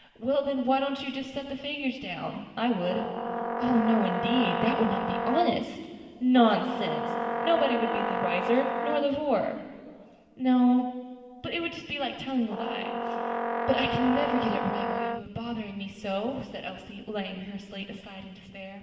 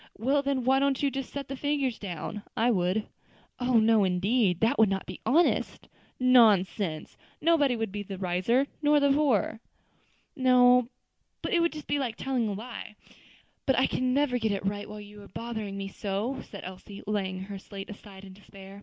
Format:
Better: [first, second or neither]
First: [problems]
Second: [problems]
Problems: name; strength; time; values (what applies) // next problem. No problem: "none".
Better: second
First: background sound (Brass instrument); 2 dB below the speech // room echo; dies away in 2.4 s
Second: none